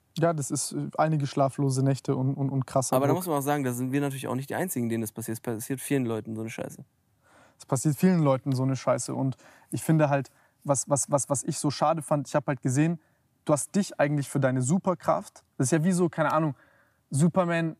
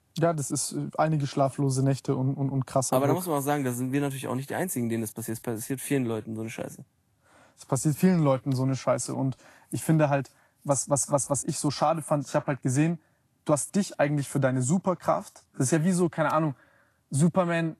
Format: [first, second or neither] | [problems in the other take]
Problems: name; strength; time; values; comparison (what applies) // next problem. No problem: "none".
first | garbled, watery; slightly; nothing above 12 kHz